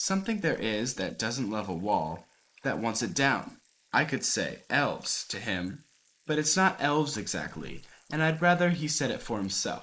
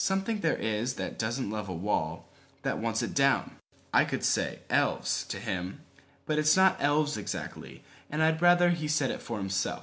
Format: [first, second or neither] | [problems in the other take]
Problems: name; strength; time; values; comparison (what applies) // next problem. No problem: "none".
second | noise reduction (neural mask model Resemble Enhance denoiser)